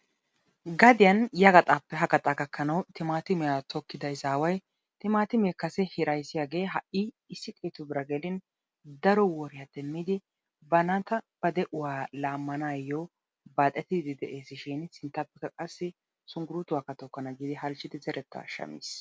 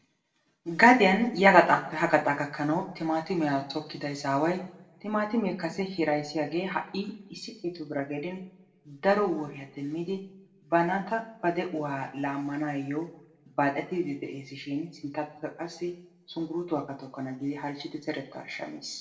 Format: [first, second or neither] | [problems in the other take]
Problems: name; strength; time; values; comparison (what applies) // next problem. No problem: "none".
first | room echo; dies away in 0.6 s